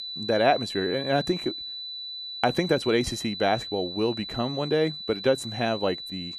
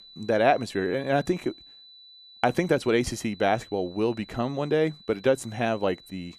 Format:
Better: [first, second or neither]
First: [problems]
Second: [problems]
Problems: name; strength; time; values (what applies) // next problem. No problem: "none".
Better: second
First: high-pitched whine; loud; throughout; 4 kHz, 7 dB below the speech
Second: high-pitched whine; faint; throughout; 4 kHz, 20 dB below the speech